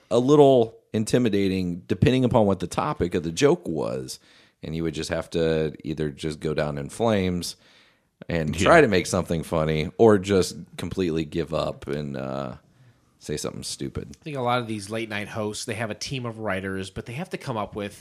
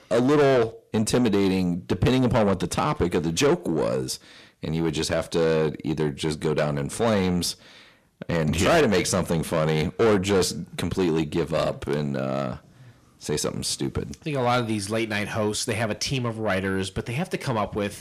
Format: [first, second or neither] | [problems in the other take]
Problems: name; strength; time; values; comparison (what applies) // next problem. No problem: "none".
first | distortion; heavy; 6 dB below the speech